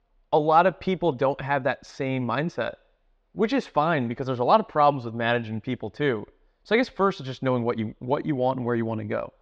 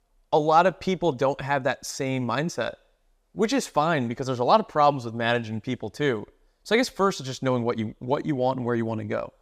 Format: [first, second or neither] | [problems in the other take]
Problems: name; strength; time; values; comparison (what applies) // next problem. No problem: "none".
second | muffled; slightly; fading above 3.5 kHz